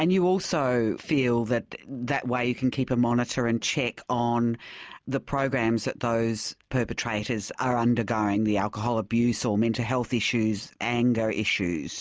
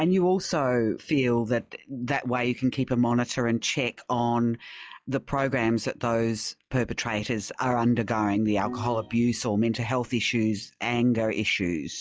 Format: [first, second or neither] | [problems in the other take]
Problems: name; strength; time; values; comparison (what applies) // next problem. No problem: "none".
first | noise reduction (classical method log-MMSE)